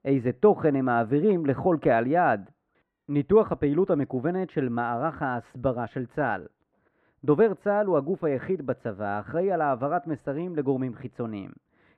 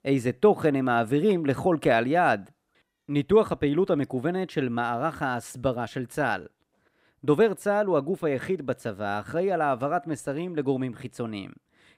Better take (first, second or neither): second